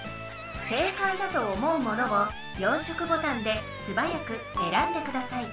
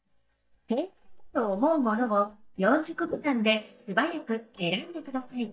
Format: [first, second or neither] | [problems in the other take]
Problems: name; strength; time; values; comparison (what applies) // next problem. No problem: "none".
first | noise reduction (neural mask model DeepFilterNet 3)